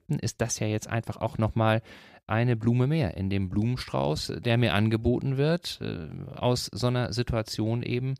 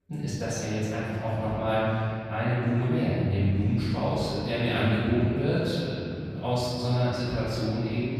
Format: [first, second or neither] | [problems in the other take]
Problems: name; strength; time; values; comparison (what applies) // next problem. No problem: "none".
first | off-mic speech; far // room echo; strong; dies away in 2.2 s